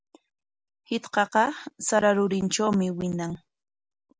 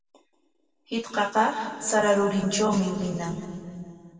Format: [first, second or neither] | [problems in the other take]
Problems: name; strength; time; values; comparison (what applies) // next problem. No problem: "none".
first | room echo; dies away in 2.3 s